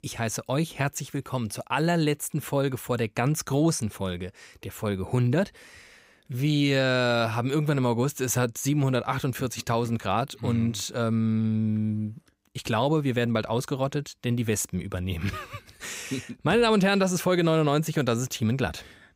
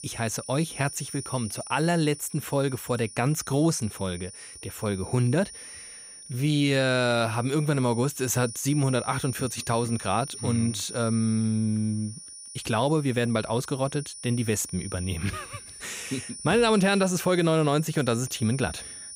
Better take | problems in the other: first | high-pitched whine; noticeable; throughout; 9.5 kHz, 10 dB below the speech

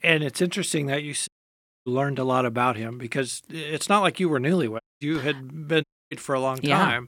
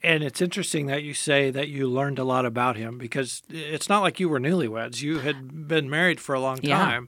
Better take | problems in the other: second | audio cutting out; at 1.5 s for 0.5 s, at 5 s and at 6 s

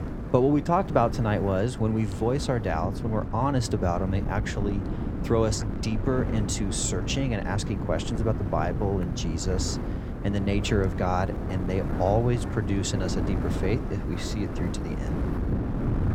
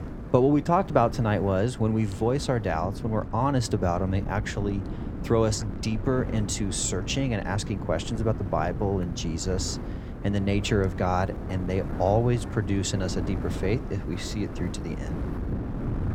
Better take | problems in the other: second | wind noise on the microphone; heavy; 9 dB below the speech; occasional gusts in the second

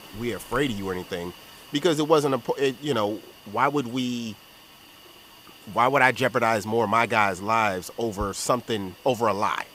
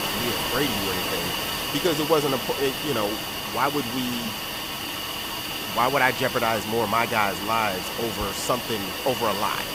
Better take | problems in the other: first | hiss; loud; throughout; 2 dB below the speech; faint in the first

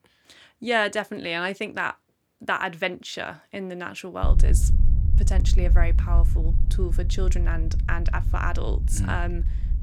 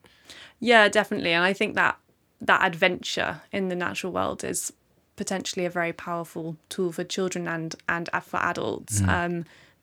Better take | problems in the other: second | low rumble; noticeable; from 4 s on; 15 dB below the speech

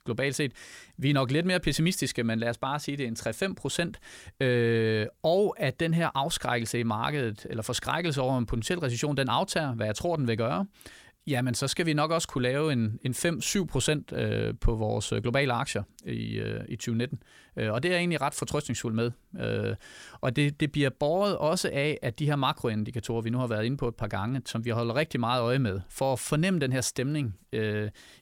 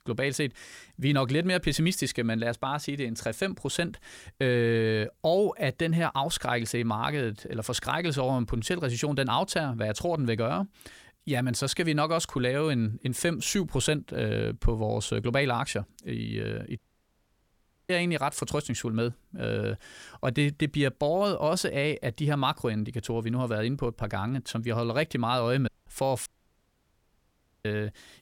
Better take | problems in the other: first | audio cutting out; at 17 s for 1 s and at 26 s for 1.5 s

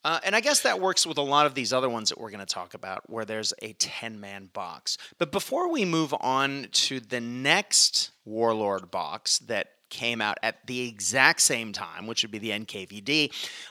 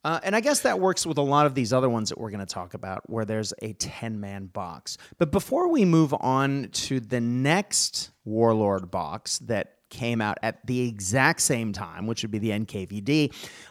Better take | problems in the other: second | thin; somewhat; fading below 550 Hz

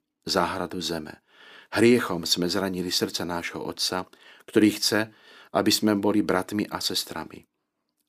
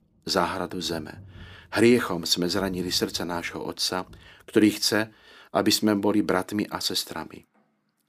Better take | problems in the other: first | rain or running water; faint; throughout; 25 dB below the speech

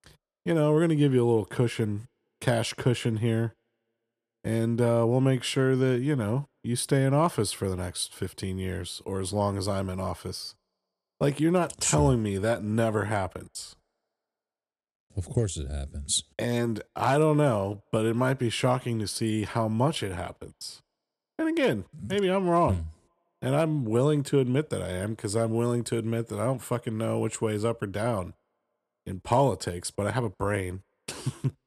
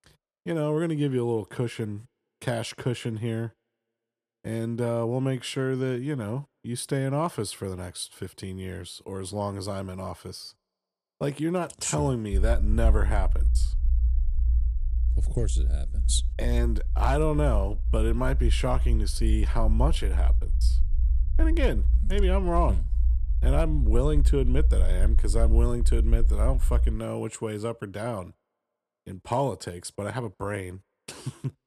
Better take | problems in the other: first | low rumble; noticeable; from 12 to 27 s; 15 dB below the speech

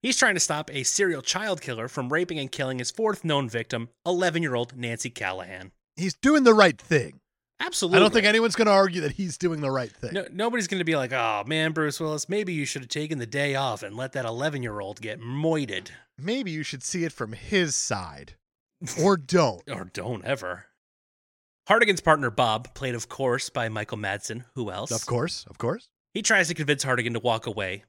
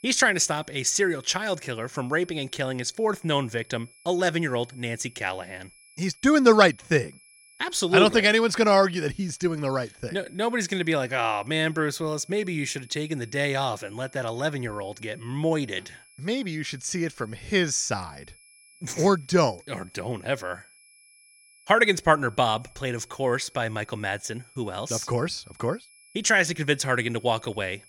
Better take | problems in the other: first | high-pitched whine; faint; throughout; 2.5 kHz, 25 dB below the speech

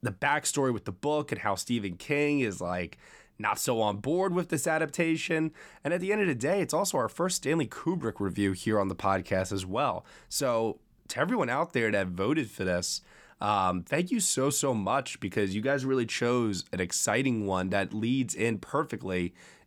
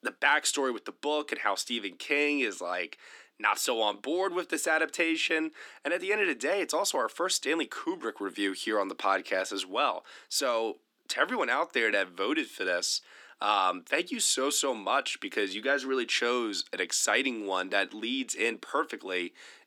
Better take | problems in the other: first | thin; somewhat; fading below 250 Hz

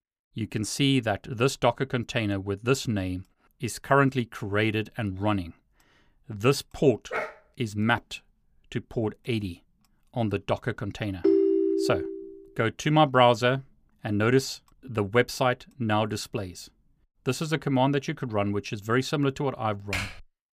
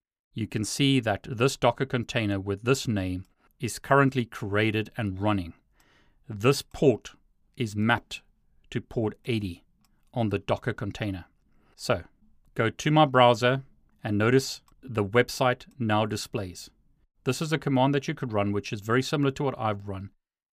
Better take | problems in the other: second | dog barking; noticeable; at 7 s; peak 6 dB below the speech // phone ringing; loud; at 11 s; peak 5 dB above the speech // keyboard typing; noticeable; at 20 s; peak 5 dB below the speech

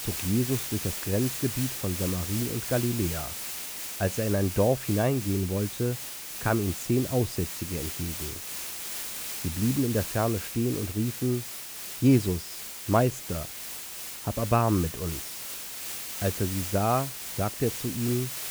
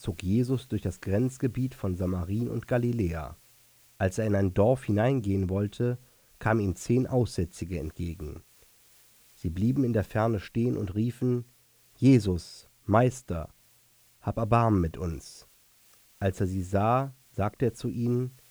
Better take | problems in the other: second | hiss; loud; throughout; 5 dB below the speech; faint in the second

